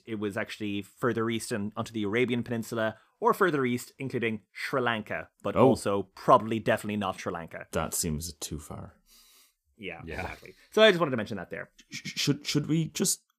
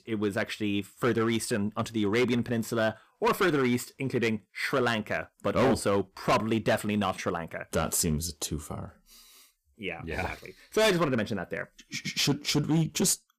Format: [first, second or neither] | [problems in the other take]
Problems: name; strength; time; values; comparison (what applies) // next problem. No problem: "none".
first | distortion; heavy; 6% of the sound clipped